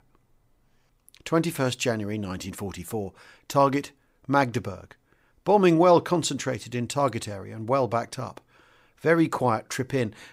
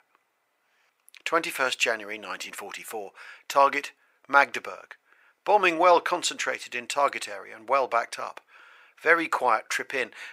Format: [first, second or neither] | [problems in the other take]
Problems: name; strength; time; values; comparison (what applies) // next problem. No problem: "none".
first | thin; very; fading below 650 Hz